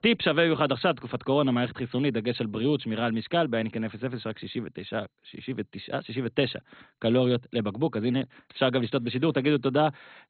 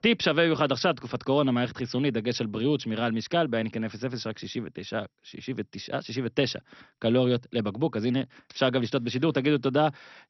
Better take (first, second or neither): second